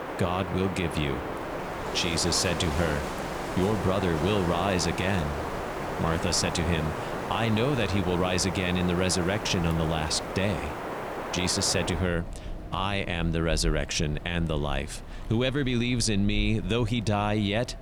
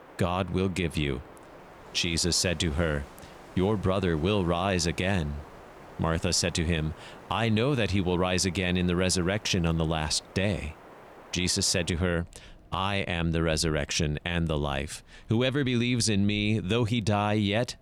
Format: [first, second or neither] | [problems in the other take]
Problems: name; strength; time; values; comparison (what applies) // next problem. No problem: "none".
second | wind in the background; loud; throughout; 7 dB below the speech; faint in the second